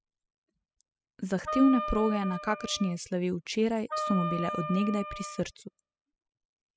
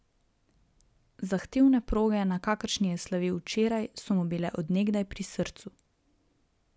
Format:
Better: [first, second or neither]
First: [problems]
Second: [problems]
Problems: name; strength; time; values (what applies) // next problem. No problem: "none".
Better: second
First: noise reduction (classical method spectral subtraction)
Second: none